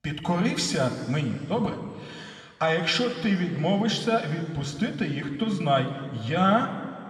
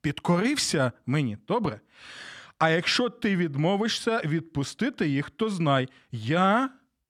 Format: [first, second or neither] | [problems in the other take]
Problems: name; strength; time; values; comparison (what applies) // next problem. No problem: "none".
second | room echo; noticeable; dies away in 2 s